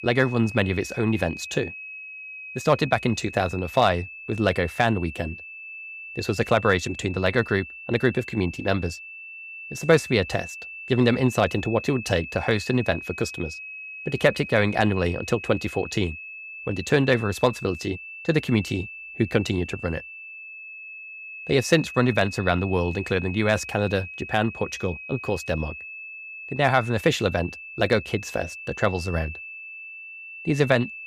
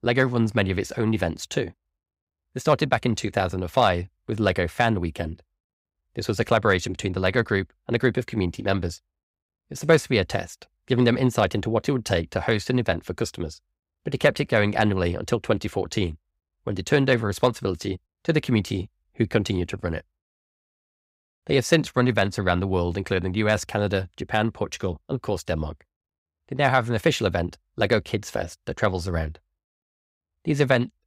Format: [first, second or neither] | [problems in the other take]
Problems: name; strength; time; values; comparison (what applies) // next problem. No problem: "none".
second | high-pitched whine; noticeable; throughout; 2.5 kHz, 10 dB below the speech